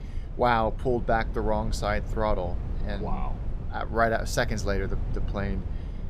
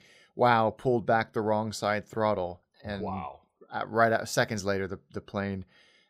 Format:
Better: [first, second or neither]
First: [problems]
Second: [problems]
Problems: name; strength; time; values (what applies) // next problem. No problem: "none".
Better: second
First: low rumble; noticeable; throughout; 20 dB below the speech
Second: none